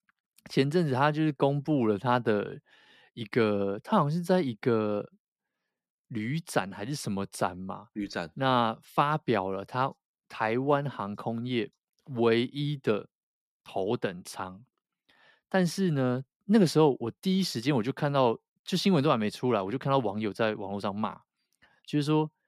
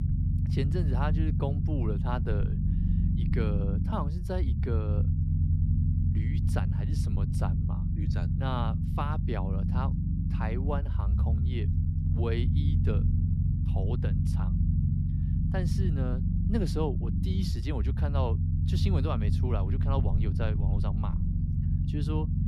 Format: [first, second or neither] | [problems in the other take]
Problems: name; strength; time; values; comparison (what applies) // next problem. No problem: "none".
first | low rumble; loud; throughout; 3 dB below the speech